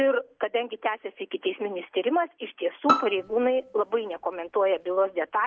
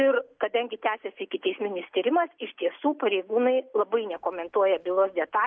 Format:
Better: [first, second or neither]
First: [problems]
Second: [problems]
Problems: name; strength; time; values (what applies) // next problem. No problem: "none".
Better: second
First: background sound (Bowed string instrument); 2 dB below the speech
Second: none